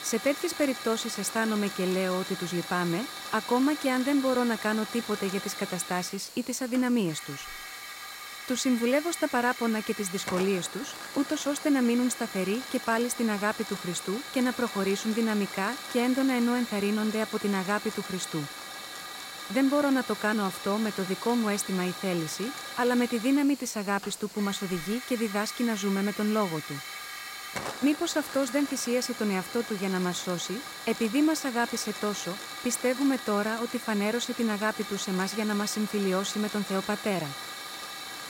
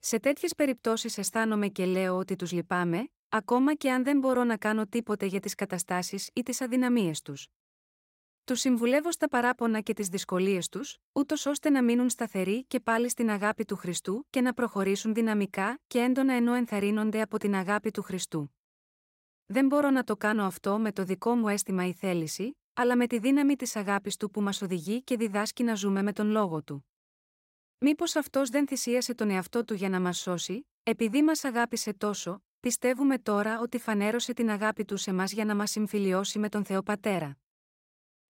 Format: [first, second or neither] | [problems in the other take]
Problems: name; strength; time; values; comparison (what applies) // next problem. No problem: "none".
second | hiss; loud; throughout; 9 dB below the speech